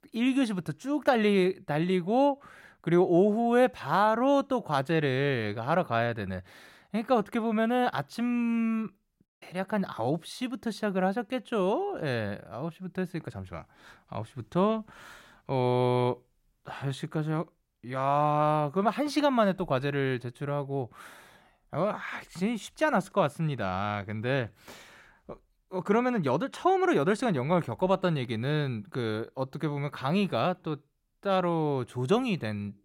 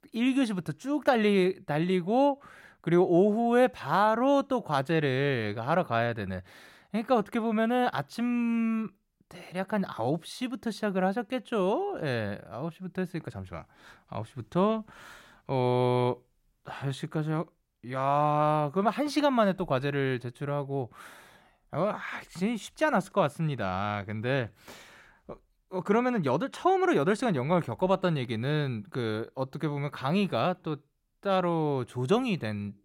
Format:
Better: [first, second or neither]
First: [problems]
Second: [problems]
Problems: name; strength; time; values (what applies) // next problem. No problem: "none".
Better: second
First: audio cutting out; at 9.5 s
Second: none